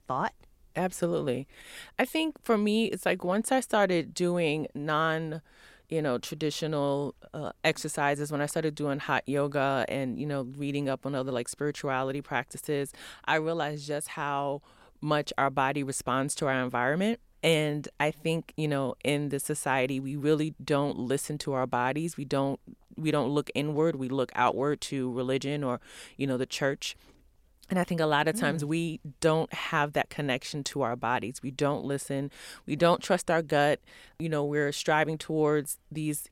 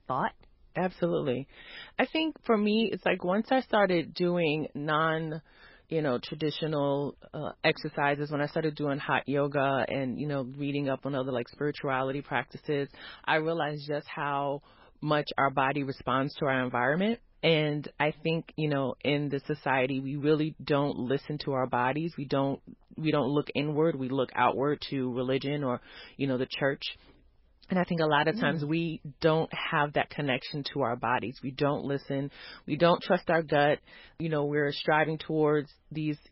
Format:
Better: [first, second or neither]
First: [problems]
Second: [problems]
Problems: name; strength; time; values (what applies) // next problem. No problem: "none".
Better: first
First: none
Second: garbled, watery; badly; nothing above 5.5 kHz